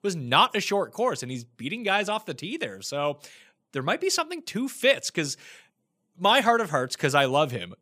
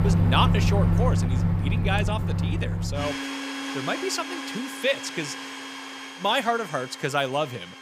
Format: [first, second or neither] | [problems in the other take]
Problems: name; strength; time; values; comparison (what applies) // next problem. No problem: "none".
first | household noises; very loud; throughout; 2 dB above the speech